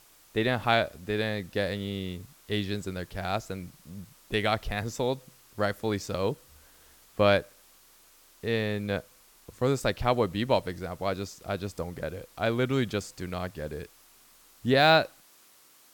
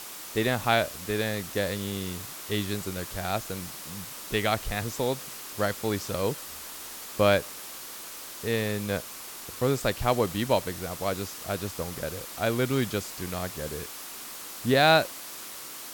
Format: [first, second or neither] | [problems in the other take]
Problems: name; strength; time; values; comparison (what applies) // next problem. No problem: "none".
first | hiss; loud; throughout; 9 dB below the speech; faint in the first